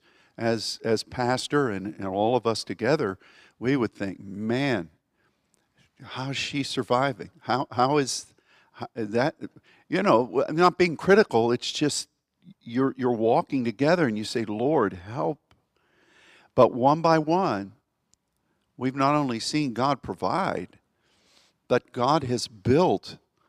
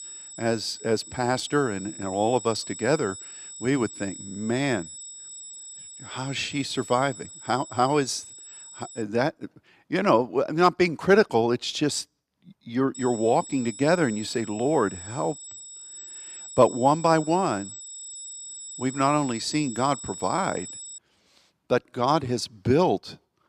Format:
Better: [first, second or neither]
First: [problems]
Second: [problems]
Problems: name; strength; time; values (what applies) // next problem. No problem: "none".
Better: first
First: none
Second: high-pitched whine; noticeable; until 9 s and from 13 to 21 s; 8 kHz, 15 dB below the speech